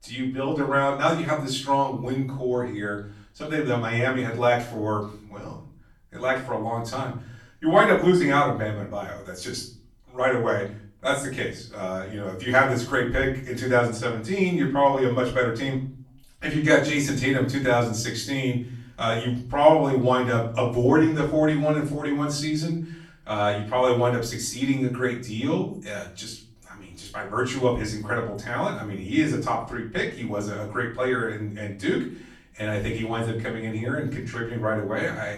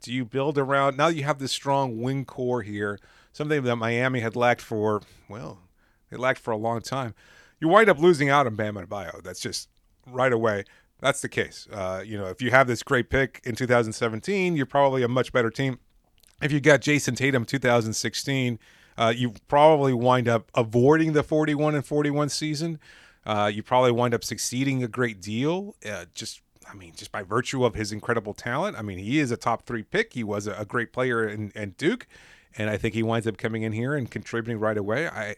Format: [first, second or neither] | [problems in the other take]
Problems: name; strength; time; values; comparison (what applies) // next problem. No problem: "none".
second | off-mic speech; far // room echo; slight; dies away in 0.5 s